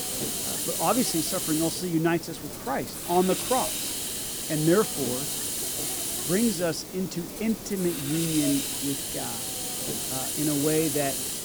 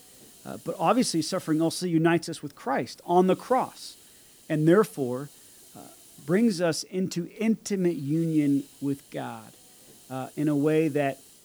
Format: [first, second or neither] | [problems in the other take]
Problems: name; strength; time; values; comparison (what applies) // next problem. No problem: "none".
second | hiss; loud; throughout; 1 dB below the speech; faint in the second